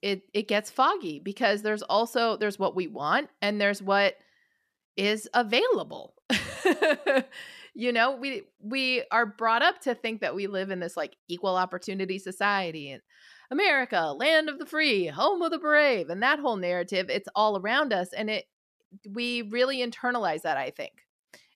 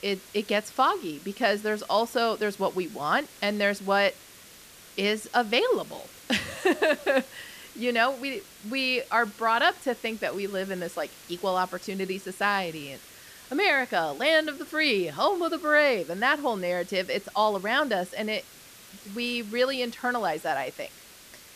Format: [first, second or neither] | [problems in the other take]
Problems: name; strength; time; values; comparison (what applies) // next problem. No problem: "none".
first | hiss; faint; throughout; 20 dB below the speech